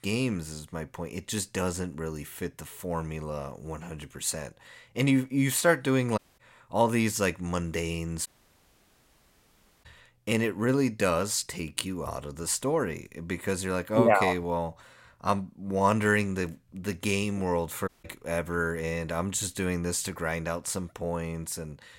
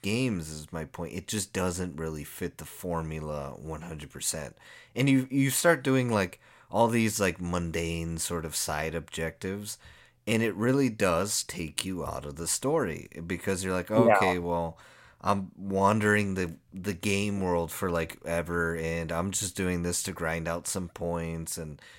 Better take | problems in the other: second | audio cutting out; at 6 s, at 8.5 s for 1.5 s and at 18 s

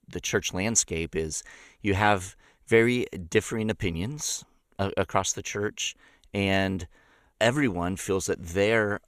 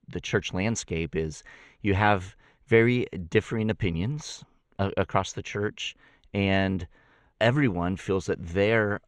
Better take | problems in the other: first | muffled; slightly; fading above 3.5 kHz

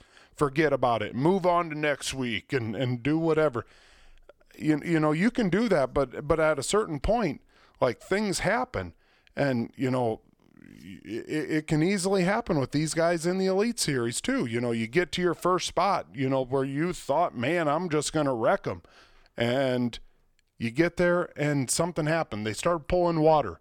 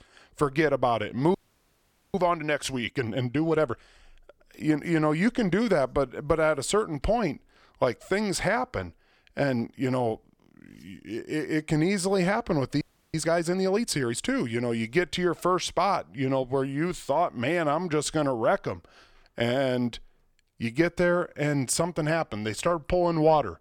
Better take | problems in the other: first | audio freezing; at 1.5 s for 1 s and at 13 s

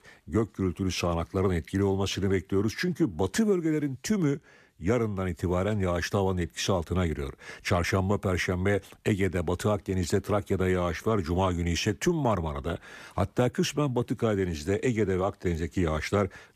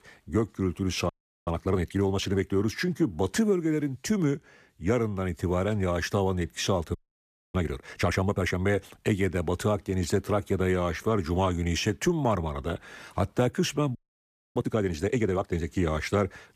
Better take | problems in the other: first | audio freezing; at 1 s, at 7 s for 0.5 s and at 14 s for 0.5 s

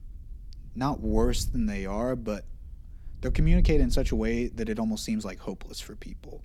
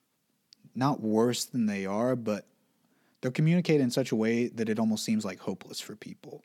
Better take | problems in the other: second | wind noise on the microphone; occasional gusts; 20 dB below the speech

